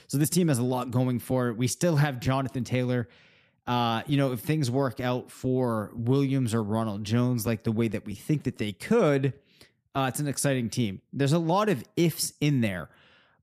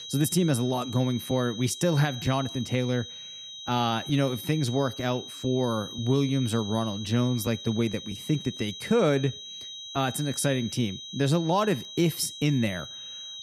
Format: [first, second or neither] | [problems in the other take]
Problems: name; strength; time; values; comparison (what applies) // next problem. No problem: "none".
first | high-pitched whine; noticeable; throughout; 4 kHz, 10 dB below the speech